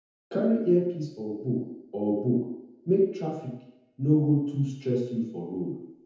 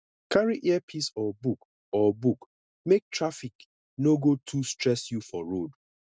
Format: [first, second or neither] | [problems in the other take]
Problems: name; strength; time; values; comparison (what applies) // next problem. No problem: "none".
second | room echo; dies away in 0.9 s